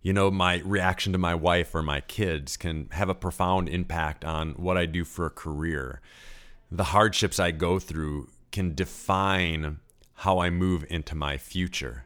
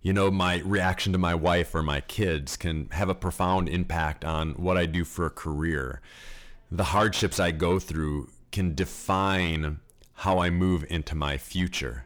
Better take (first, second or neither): first